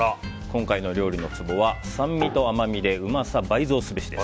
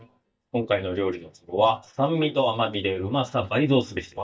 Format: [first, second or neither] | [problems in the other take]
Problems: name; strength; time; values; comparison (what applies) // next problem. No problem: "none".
first | noise reduction (neural mask model DeepFilterNet 3)